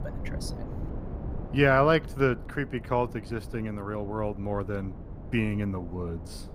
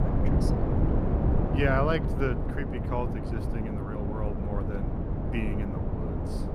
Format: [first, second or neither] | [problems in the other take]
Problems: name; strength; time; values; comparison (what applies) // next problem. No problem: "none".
first | wind noise on the microphone; heavy; 3 dB below the speech; occasional gusts in the first